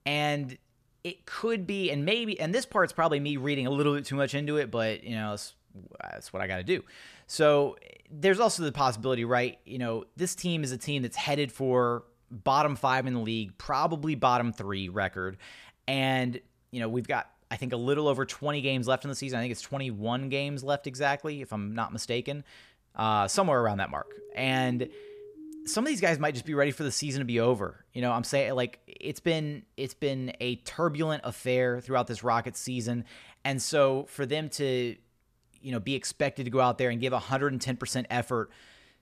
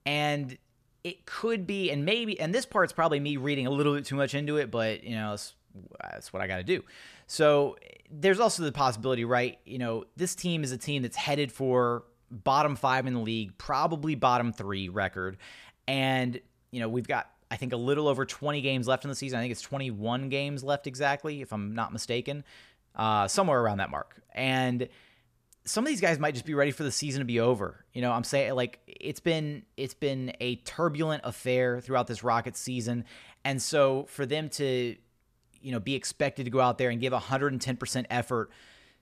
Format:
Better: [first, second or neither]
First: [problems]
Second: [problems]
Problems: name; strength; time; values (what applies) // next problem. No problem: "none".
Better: second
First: siren; faint; from 24 to 26 s; peak 15 dB below the speech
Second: none